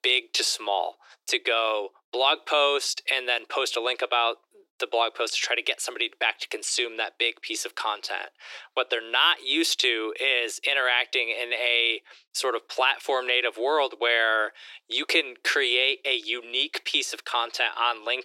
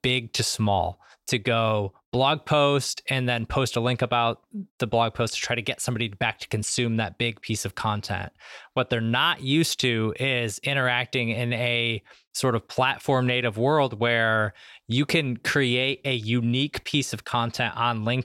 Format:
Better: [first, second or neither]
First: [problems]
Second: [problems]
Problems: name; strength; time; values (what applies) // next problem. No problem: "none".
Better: second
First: thin; very; fading below 350 Hz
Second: none